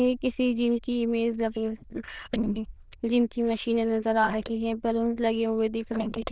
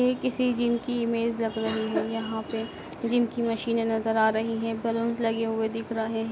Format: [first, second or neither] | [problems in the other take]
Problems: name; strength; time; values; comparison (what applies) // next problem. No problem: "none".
second | noise reduction (neural diffusion model UNIVERSE++)